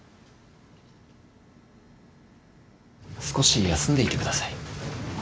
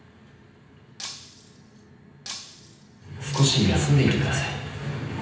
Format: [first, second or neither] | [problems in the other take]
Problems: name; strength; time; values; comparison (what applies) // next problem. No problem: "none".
first | background sound (Shatter); 16 dB below the speech // room echo; dies away in 0.9 s